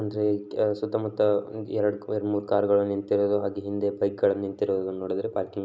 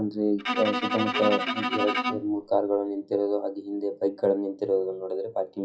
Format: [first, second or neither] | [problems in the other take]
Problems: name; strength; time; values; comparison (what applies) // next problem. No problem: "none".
first | noise reduction (classical method WPE with log-MMSE)